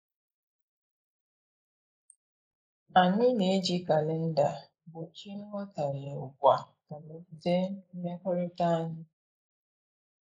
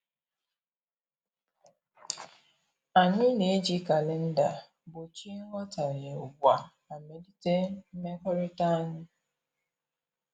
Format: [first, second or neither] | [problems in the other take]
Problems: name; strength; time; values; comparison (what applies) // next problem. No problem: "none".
second | noise reduction (neural mask model Resemble Enhance denoiser)